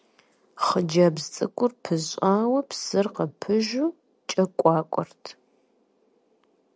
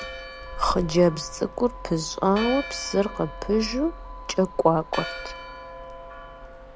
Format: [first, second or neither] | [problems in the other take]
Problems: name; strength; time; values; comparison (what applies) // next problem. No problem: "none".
first | background sound (Church bell + Motor vehicle (road)); 11 dB below the speech